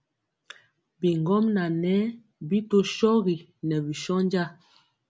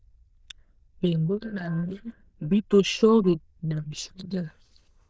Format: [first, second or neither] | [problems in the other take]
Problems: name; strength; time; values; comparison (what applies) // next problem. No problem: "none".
first | noise reduction (neural diffusion model UNIVERSE++)